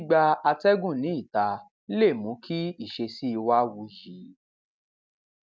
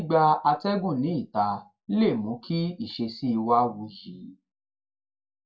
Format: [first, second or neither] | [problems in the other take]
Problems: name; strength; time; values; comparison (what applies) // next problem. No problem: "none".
first | room echo; dies away in 0.2 s